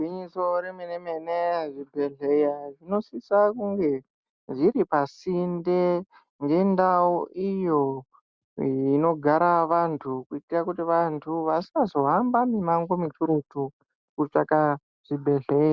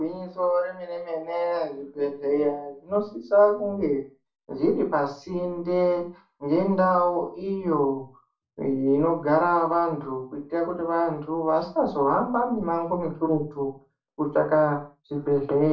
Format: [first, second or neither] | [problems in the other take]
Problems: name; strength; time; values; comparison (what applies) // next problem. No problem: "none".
first | room echo; dies away in 0.3 s